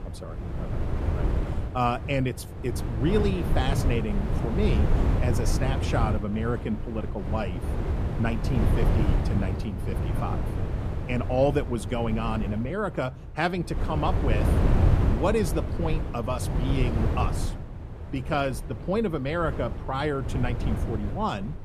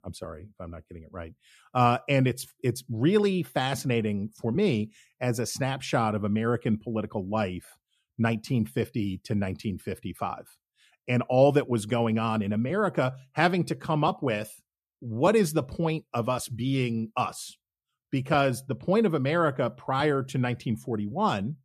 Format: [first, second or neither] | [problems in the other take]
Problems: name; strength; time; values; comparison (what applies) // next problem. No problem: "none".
second | wind noise on the microphone; heavy; 6 dB below the speech